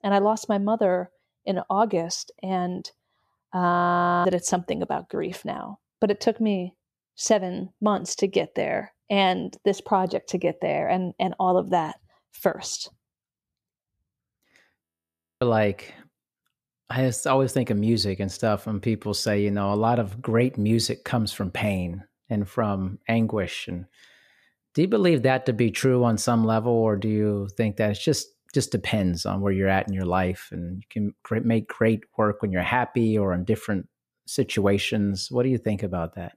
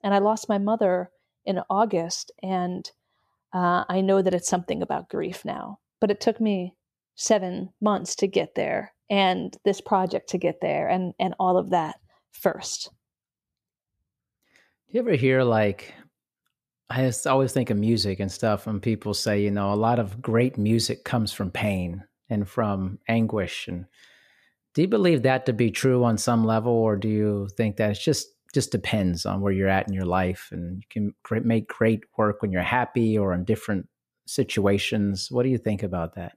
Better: second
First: audio freezing; at 3.5 s for 0.5 s and at 15 s for 0.5 s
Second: none

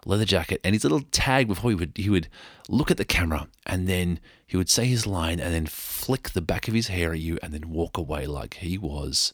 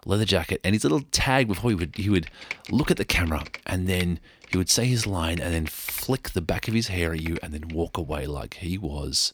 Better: first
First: none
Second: keyboard typing; noticeable; from 1.5 to 7.5 s; peak 10 dB below the speech

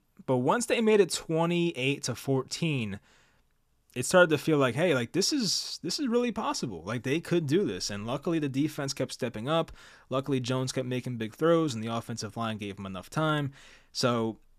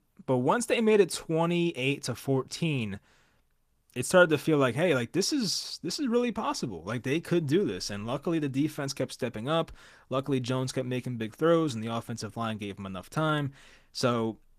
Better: first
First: none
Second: garbled, watery; slightly; nothing above 14.5 kHz

